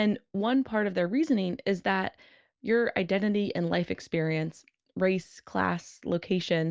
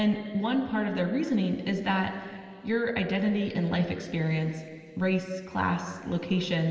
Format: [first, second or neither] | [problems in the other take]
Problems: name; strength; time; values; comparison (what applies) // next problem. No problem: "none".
first | room echo; dies away in 2.9 s